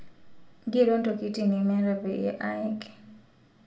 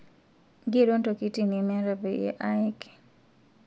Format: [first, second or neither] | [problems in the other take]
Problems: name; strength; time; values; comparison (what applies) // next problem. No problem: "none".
second | room echo; dies away in 0.4 s